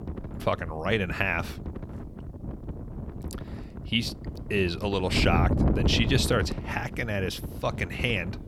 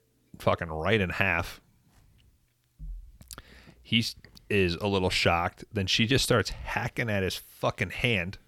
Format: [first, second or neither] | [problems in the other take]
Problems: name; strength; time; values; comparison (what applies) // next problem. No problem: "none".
second | wind noise on the microphone; occasional gusts; 10 dB below the speech